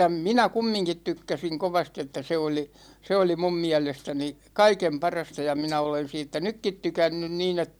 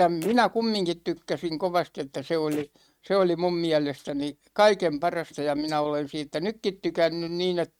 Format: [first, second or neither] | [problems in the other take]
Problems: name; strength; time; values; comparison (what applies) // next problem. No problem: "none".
first | noise reduction (neural mask model RNNoise)